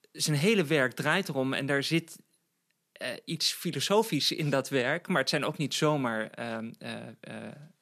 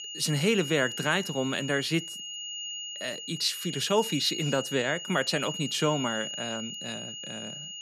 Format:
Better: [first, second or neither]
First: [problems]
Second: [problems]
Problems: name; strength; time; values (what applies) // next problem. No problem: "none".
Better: first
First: none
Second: high-pitched whine; loud; throughout; 3 kHz, 7 dB below the speech